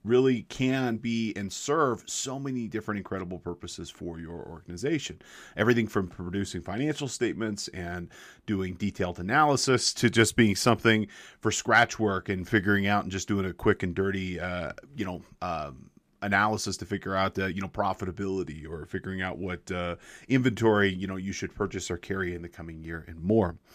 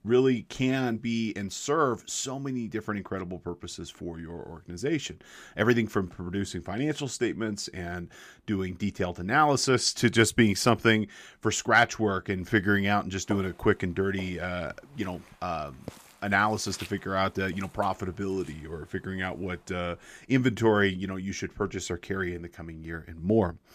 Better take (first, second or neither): first